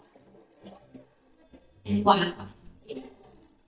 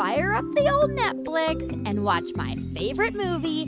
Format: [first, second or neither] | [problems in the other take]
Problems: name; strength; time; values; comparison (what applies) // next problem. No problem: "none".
second | noise reduction (neural mask model DeepFilterNet 3)